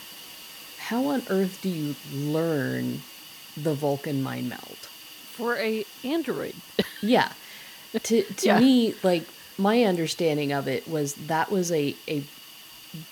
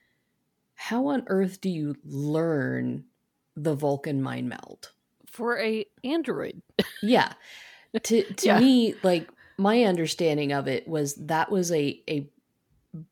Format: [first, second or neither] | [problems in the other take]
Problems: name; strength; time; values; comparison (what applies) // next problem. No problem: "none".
second | hiss; noticeable; throughout; 15 dB below the speech